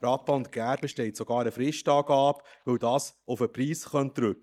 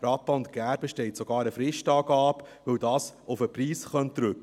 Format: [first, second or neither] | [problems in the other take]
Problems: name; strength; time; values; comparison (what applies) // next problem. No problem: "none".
second | noise reduction (neural mask model DeepFilterNet 3)